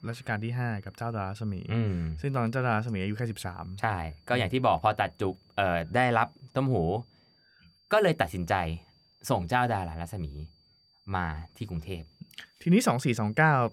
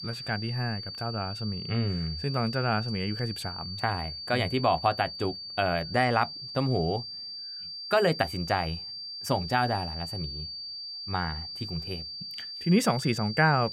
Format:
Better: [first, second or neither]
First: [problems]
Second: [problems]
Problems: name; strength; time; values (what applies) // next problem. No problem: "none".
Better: first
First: high-pitched whine; faint; throughout; 4.5 kHz, 35 dB below the speech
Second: high-pitched whine; loud; throughout; 4.5 kHz, 7 dB below the speech